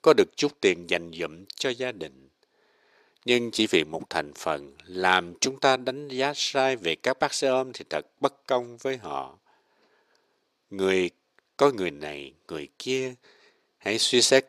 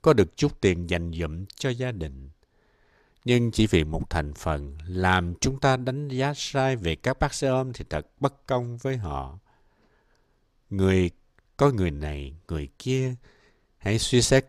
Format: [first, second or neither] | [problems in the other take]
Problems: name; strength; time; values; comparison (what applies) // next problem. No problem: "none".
second | thin; somewhat; fading below 400 Hz